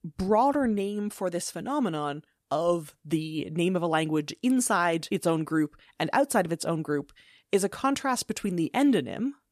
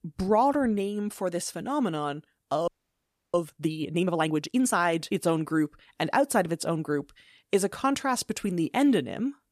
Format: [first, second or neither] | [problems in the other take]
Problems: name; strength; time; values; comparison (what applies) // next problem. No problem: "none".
first | audio freezing; at 2.5 s for 0.5 s